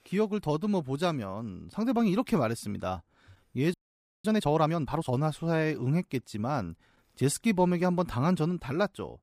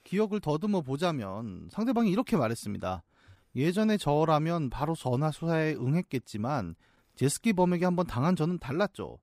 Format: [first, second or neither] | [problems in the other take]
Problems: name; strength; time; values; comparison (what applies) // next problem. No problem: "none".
second | audio freezing; at 3.5 s for 0.5 s